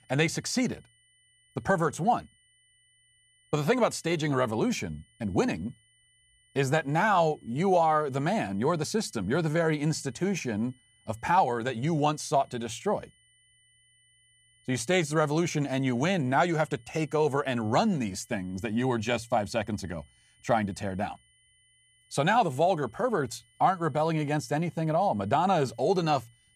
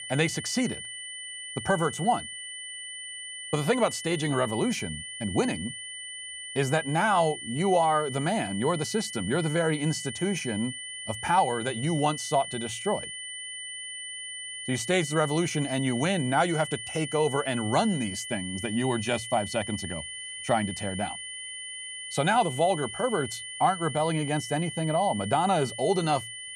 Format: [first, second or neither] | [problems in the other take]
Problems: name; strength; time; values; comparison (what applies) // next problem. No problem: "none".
first | high-pitched whine; loud; throughout; 3 kHz, 8 dB below the speech; faint in the first